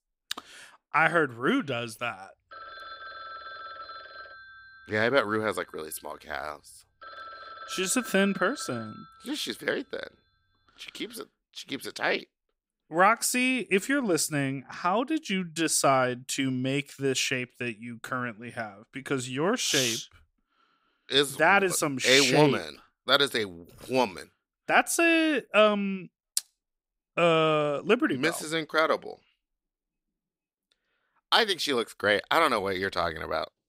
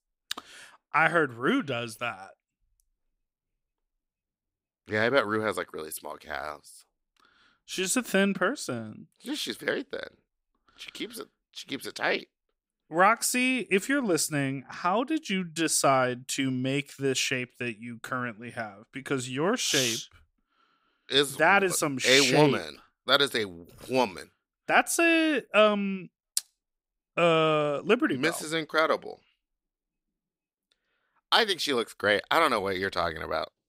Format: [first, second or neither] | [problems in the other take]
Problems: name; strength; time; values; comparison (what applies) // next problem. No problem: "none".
second | phone ringing; faint; from 2.5 to 9.5 s; peak 15 dB below the speech